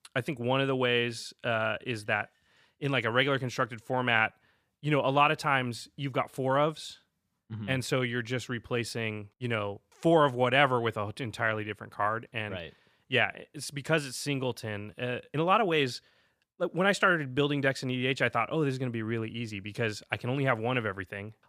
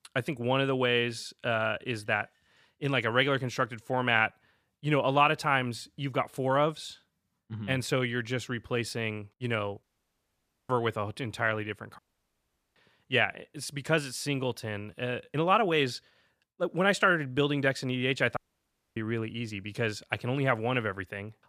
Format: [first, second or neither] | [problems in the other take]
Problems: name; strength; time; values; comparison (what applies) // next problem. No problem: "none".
first | audio cutting out; at 10 s for 1 s, at 12 s for 1 s and at 18 s for 0.5 s